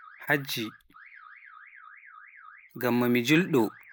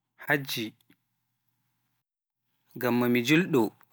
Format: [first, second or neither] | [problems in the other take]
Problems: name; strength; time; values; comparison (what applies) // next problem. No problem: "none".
second | noise reduction (neural mask model Resemble Enhance denoiser)